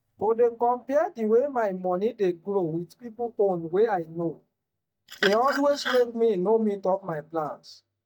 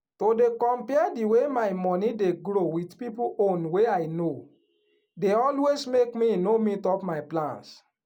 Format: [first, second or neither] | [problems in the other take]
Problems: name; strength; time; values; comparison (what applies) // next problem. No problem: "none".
second | noise reduction (neural mask model DeepFilterNet 3)